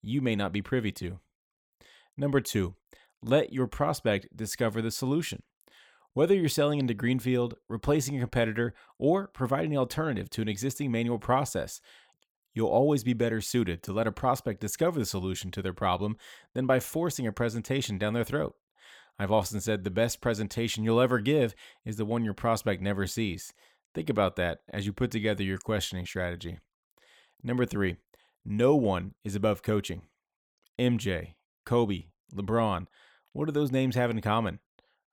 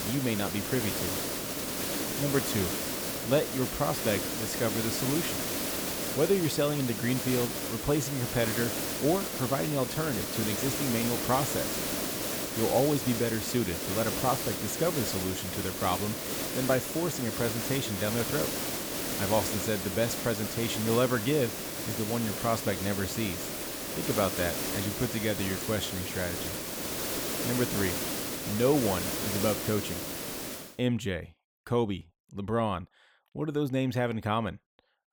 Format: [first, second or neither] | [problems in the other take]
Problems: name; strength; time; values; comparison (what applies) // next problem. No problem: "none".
first | hiss; loud; until 31 s; 1 dB below the speech